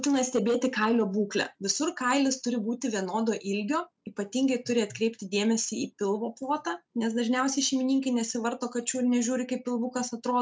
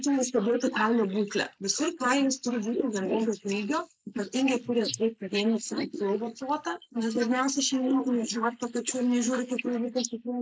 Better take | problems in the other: first | noise reduction (neural mask model Resemble Enhance denoiser)

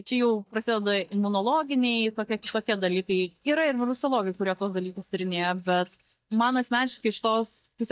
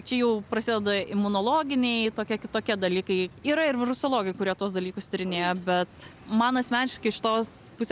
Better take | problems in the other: second | noise reduction (neural mask model DeepFilterNet 3)

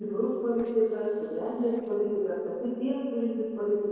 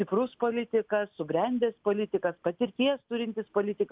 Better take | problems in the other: second | noise reduction (neural separator model SepFormer DNS4)

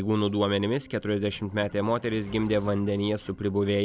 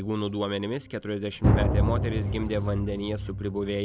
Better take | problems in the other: first | background sound (Drum); 2 dB above the speech

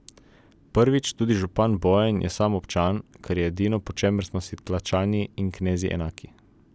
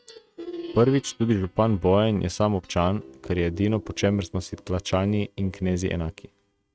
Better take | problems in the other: first | noise reduction (neural mask model RNNoise)

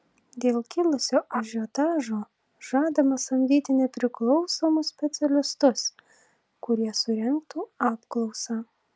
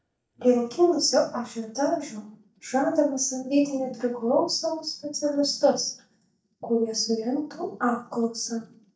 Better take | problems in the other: first | noise reduction (neural mask model DeepFilterNet 3)

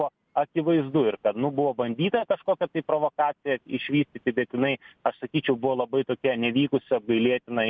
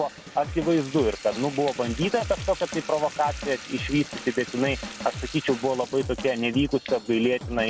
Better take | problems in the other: first | background sound (Drum / Drum kit + Bathtub (filling or washing) / Water tap, faucet); 11 dB below the speech

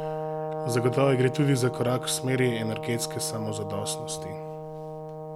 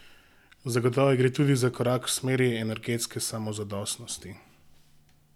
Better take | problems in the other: second | background sound (Brass instrument); 6 dB below the speech

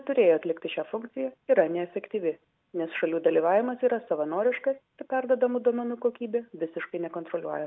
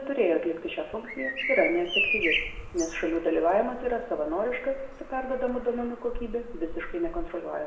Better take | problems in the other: first | background sound (Bird vocalization, bird call, bird song); 6 dB below the speech // room echo; dies away in 0.9 s

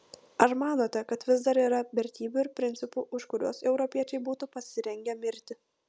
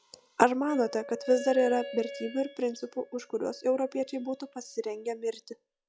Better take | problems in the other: first | noise reduction (classical method log-MMSE)

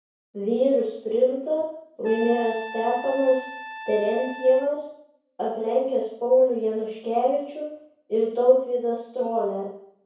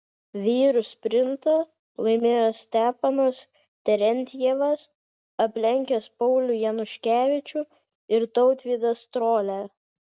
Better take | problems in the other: second | background sound (Trumpet); 13 dB below the speech // room echo; dies away in 0.6 s

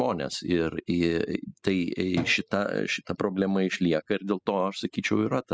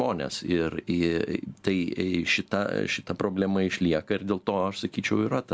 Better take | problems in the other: second | noise reduction (classical method spectral subtraction)

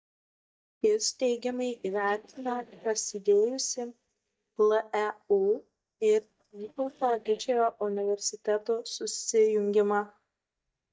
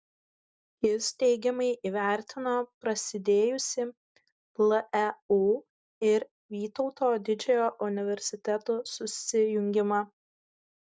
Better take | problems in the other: second | noise reduction (neural mask model DeepFilterNet 3)

